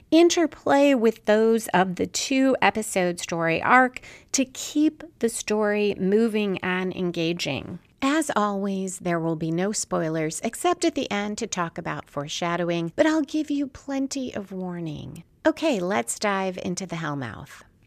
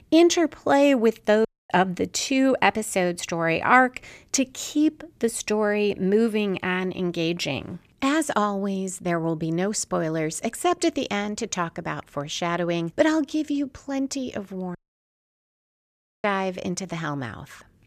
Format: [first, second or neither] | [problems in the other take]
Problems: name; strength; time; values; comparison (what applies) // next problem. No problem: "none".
first | audio cutting out; at 1.5 s and at 15 s for 1.5 s